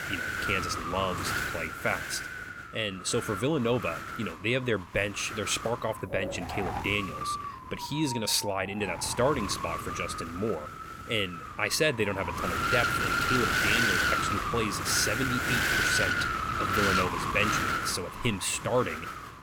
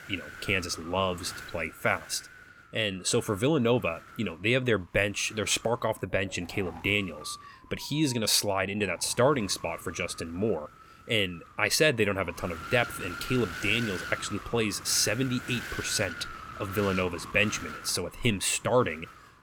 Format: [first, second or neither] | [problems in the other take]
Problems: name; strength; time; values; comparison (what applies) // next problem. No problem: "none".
second | wind noise on the microphone; heavy; 2 dB above the speech; occasional gusts in the second